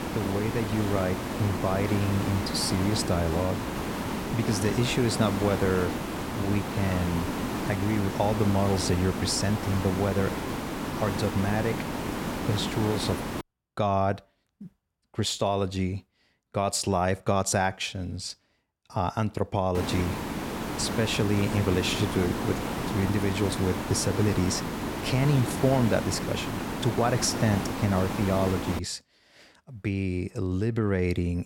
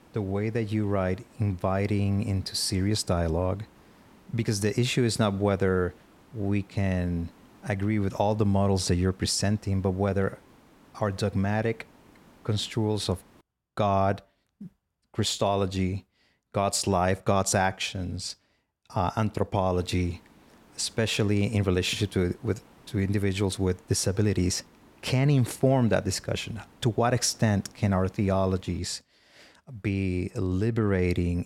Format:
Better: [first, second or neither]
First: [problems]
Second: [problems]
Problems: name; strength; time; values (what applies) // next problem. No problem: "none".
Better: second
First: hiss; loud; until 13 s and from 20 to 29 s; 4 dB below the speech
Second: hiss; faint; until 13 s and from 20 to 29 s; 30 dB below the speech